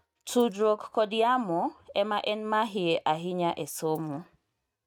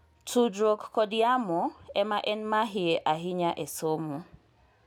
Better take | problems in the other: second | noise reduction (neural mask model RNNoise)

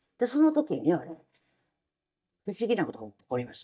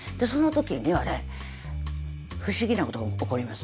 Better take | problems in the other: second | noise reduction (neural mask model DeepFilterNet 3)

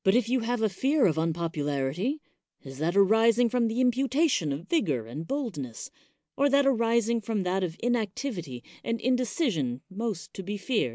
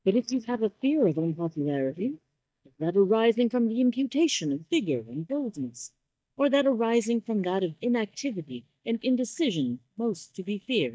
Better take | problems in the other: first | noise reduction (neural mask model DeepFilterNet 3)

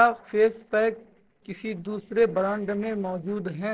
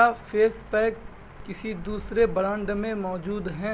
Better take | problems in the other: second | noise reduction (neural separator model SepFormer DNS4)

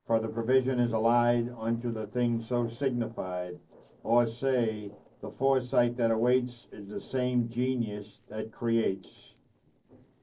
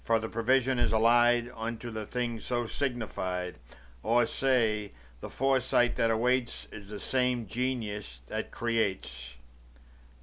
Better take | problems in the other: second | noise reduction (neural separator model SepFormer DNS4)

